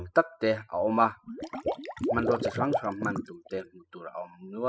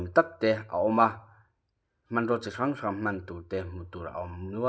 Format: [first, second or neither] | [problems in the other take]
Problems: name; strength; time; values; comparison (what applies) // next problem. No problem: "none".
second | noise reduction (classical method spectral subtraction)